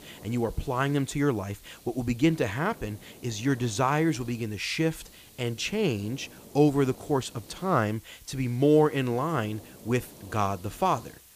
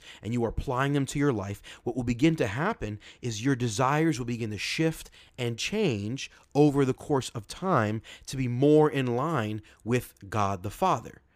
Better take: second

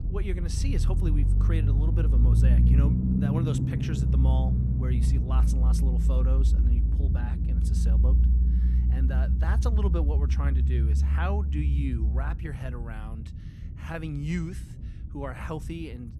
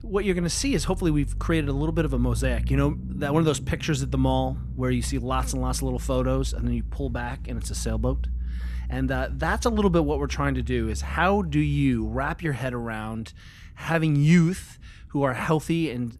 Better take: second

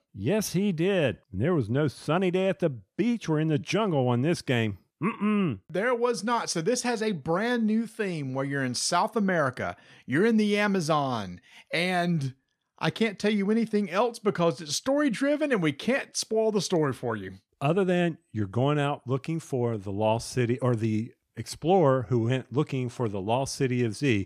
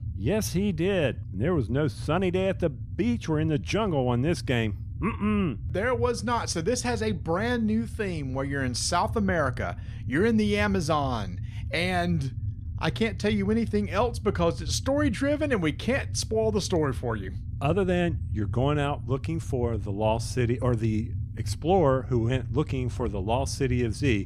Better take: first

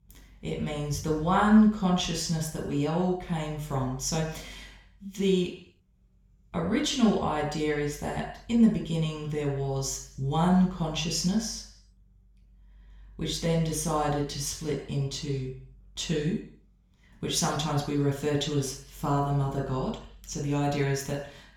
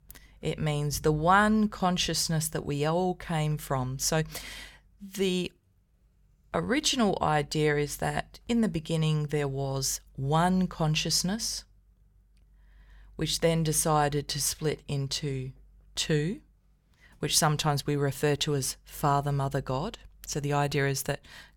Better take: second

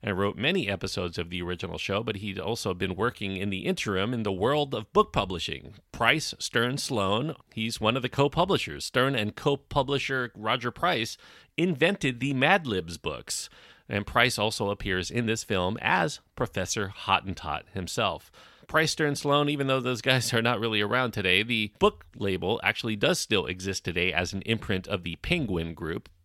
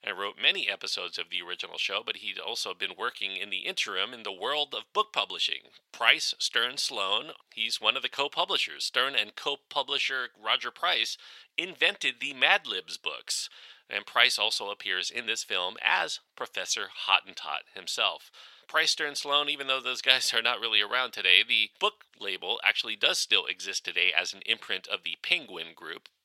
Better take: first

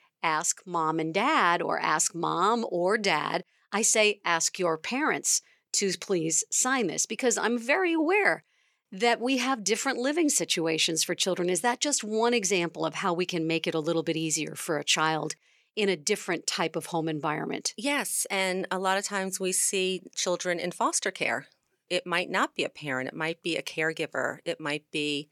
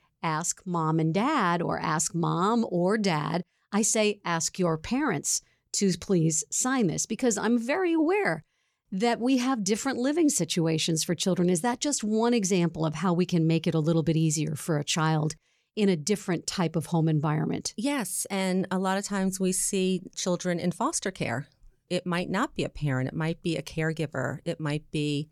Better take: second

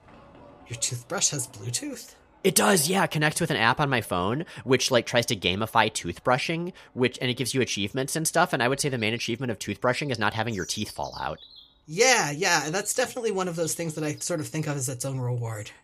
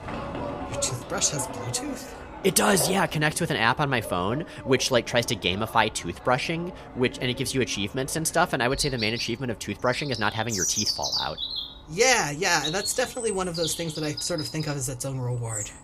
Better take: first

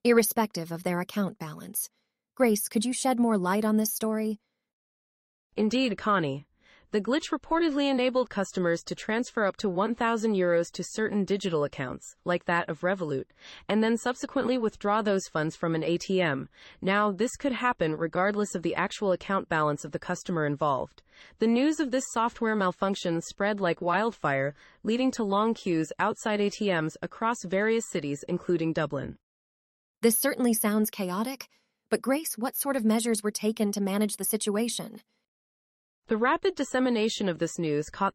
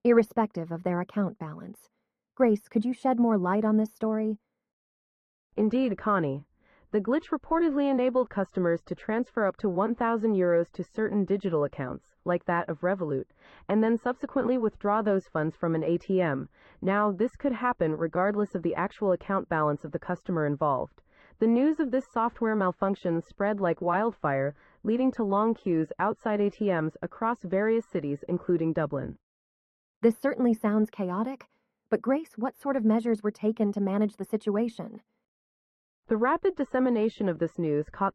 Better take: first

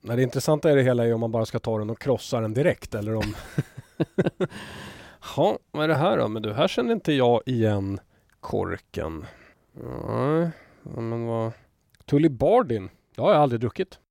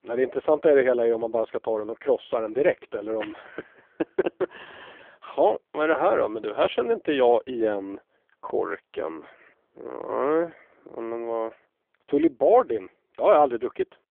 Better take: first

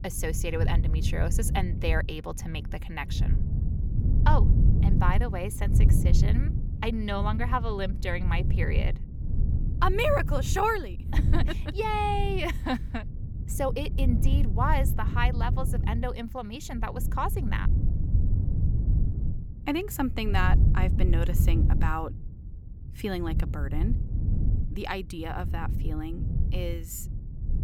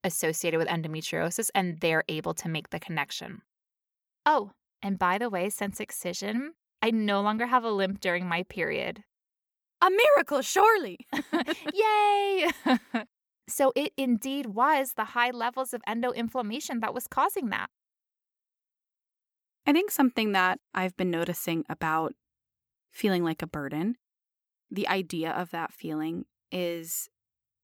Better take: second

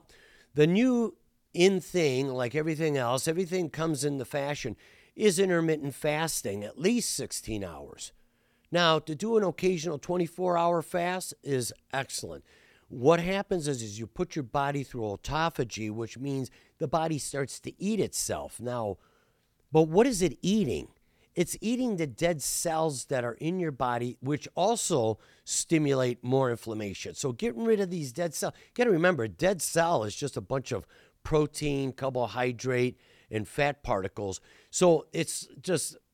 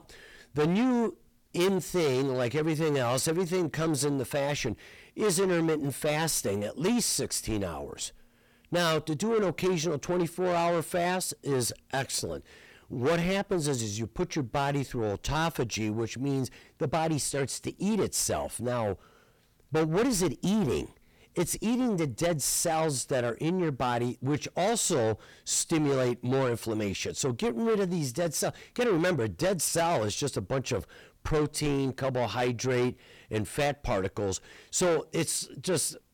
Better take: first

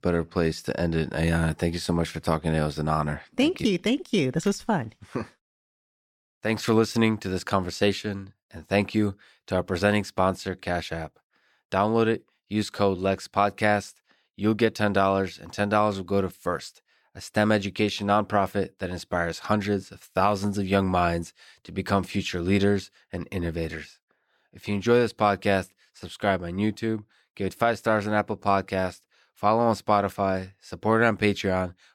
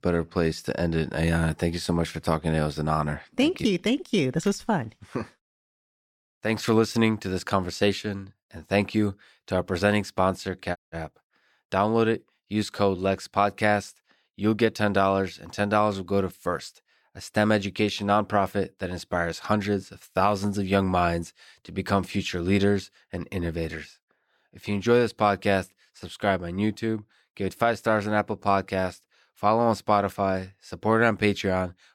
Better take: first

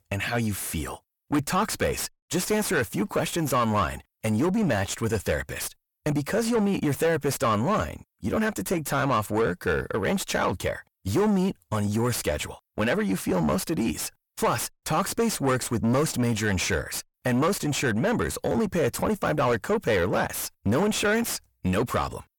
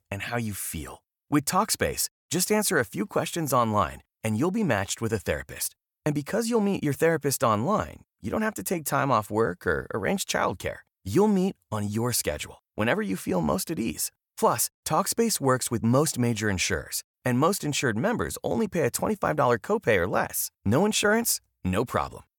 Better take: second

